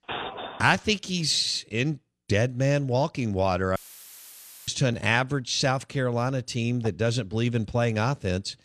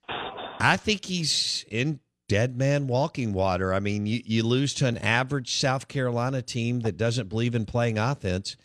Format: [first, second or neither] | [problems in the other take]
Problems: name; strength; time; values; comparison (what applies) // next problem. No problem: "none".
second | audio cutting out; filled with static; at 4 s for 1 s